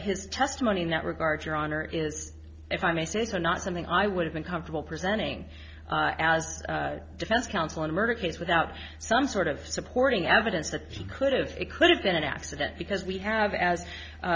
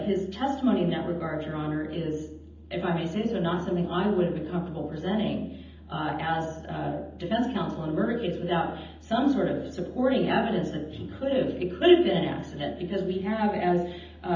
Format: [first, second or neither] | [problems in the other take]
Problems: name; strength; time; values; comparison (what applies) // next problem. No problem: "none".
first | room echo; dies away in 0.8 s